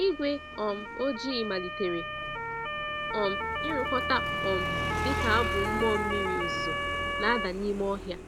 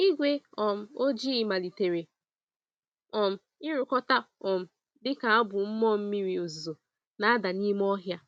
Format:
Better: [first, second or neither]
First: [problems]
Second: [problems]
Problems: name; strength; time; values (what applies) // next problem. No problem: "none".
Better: second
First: background sound (Motor vehicle (road) / Siren + Motorcycle); as loud as the speech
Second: none